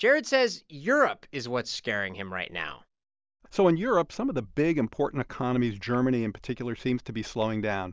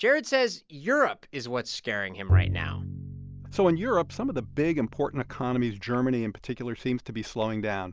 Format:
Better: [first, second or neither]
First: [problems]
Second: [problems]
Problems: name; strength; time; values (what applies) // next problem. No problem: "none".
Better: first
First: none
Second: background sound (Bowed string instrument); 3 dB below the speech